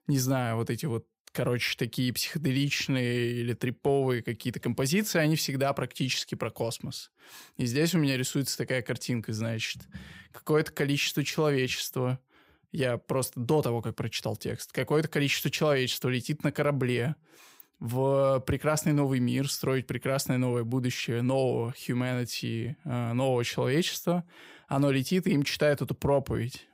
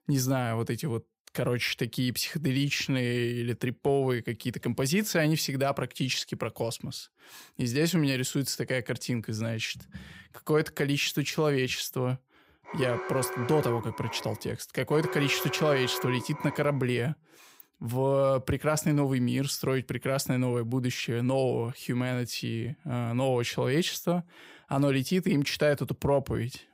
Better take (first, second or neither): first